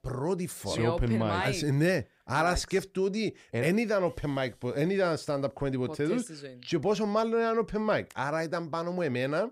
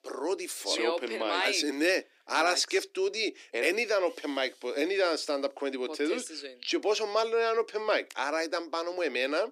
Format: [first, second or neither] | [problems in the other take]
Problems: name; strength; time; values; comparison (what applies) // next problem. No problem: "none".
first | thin; somewhat; fading below 300 Hz